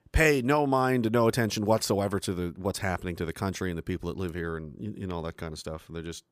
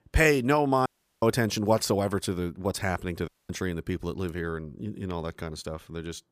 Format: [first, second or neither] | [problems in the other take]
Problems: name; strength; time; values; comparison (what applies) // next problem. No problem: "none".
first | audio cutting out; at 1 s and at 3.5 s